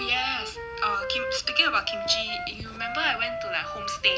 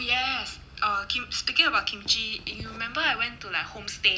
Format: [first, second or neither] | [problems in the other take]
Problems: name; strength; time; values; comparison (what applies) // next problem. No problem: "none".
second | background sound (Wind instrument, woodwind instrument); 6 dB below the speech